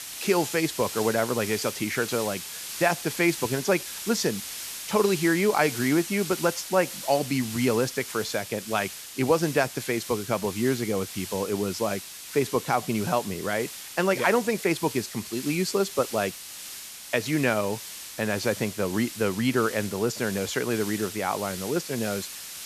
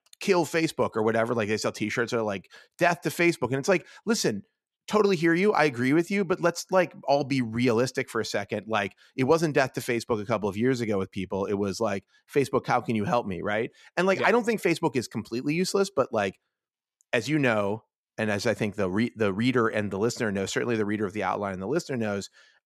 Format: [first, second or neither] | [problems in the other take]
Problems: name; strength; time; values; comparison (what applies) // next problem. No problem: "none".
second | hiss; loud; throughout; 9 dB below the speech